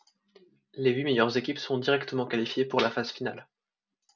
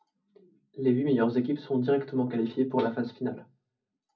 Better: first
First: none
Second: room echo; dies away in 0.4 s

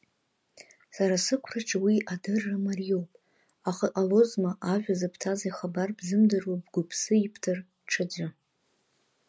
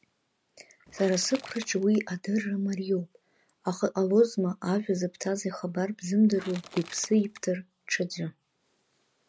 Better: first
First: none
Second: background sound (Crushing / Wood); 17 dB below the speech

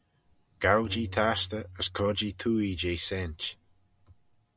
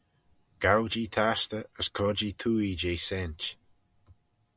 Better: second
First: background sound (Tabla); 15 dB below the speech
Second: none

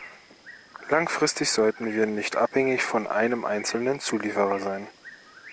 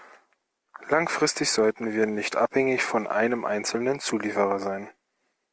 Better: second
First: background sound (Bird); 20 dB below the speech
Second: none

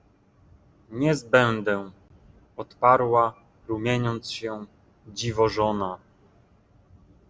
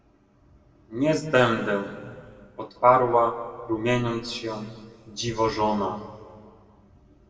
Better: first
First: none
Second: room echo; dies away in 1.7 s

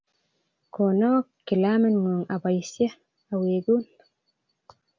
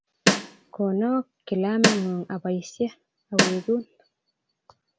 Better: first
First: none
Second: background sound (Snare drum); 4 dB above the speech

